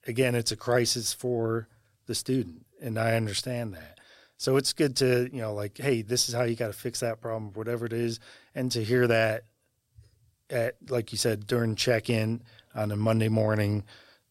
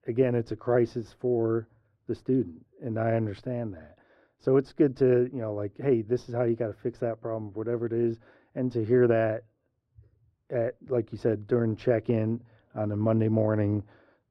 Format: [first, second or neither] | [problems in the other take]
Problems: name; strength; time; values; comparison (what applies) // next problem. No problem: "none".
first | muffled; very; fading above 3.5 kHz